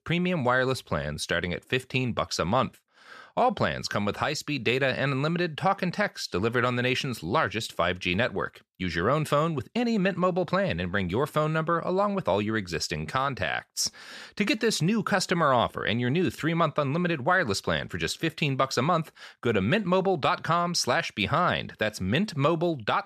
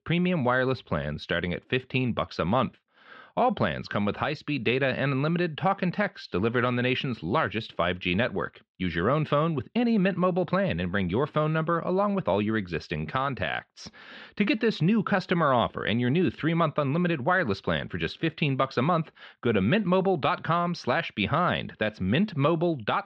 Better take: first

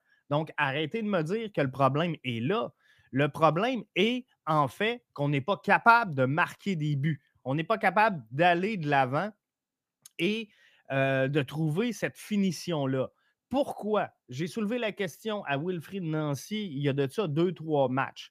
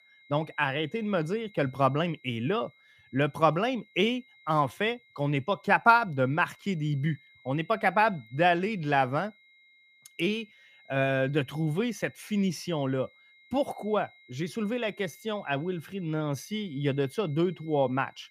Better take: first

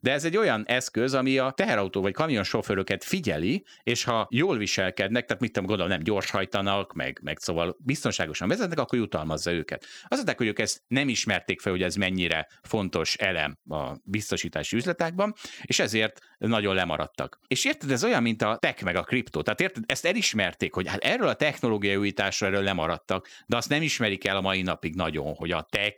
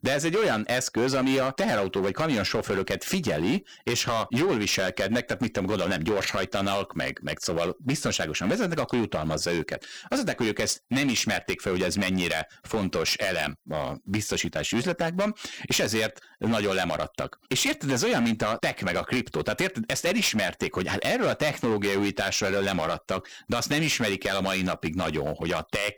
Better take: first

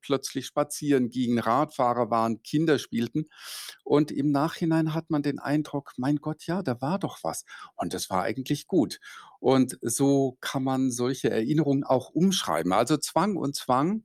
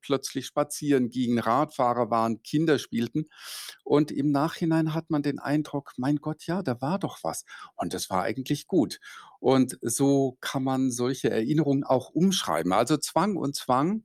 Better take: neither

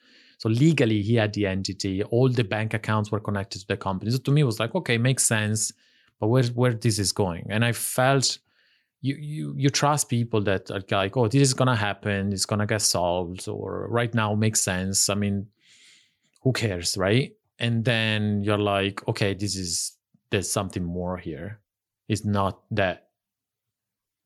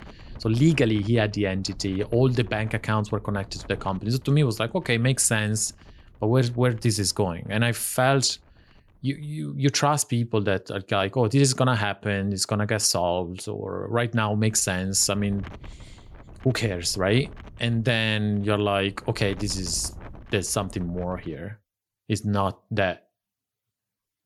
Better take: first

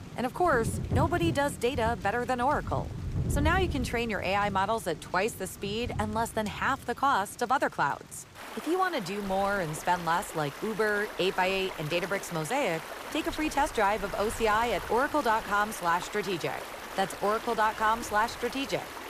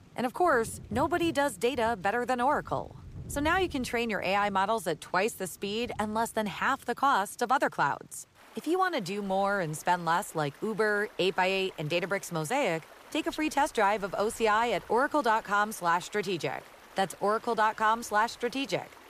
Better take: second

